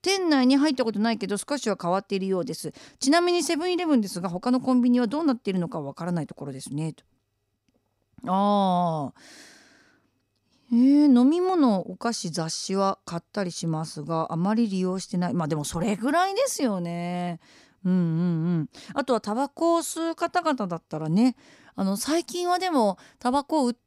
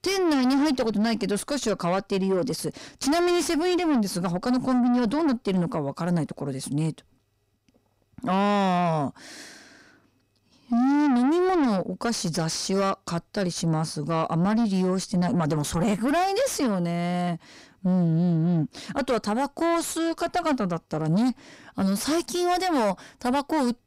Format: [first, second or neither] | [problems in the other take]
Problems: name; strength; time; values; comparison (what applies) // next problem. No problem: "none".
first | distortion; heavy; 7 dB below the speech